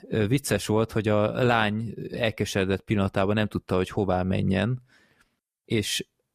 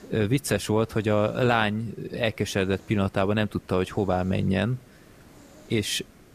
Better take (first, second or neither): first